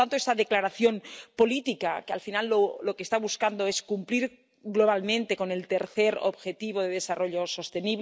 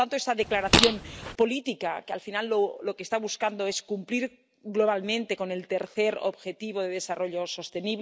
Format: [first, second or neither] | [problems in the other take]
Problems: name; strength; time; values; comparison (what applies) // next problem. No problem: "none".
first | background sound (Fart); 3 dB above the speech